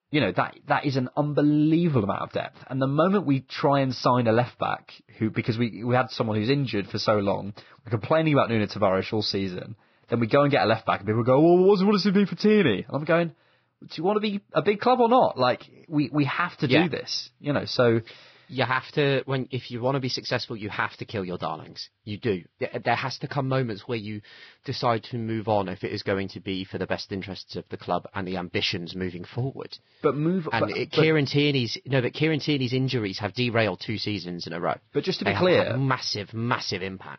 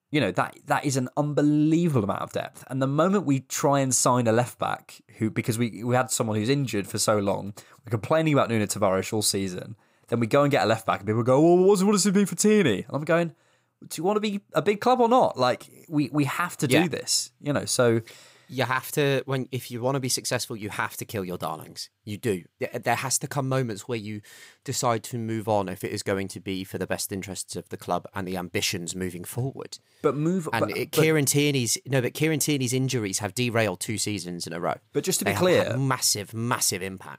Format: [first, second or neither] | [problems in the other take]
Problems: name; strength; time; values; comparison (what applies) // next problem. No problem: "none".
second | garbled, watery; badly; nothing above 5.5 kHz